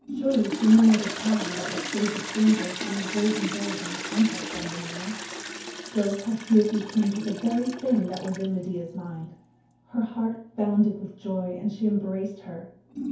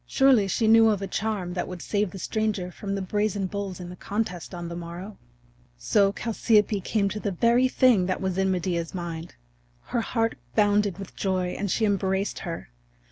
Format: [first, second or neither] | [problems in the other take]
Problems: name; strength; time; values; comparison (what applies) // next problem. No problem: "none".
second | background sound (Toilet flush); 10 dB below the speech // room echo; dies away in 0.6 s